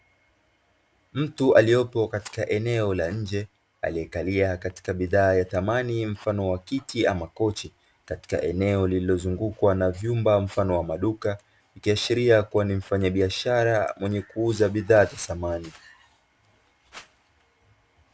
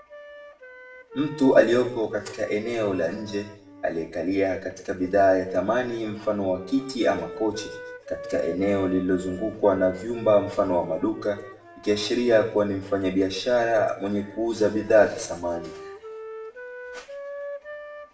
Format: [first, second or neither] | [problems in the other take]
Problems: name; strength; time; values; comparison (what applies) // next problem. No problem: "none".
first | background sound (Wind instrument, woodwind instrument); 17 dB below the speech // room echo; dies away in 0.6 s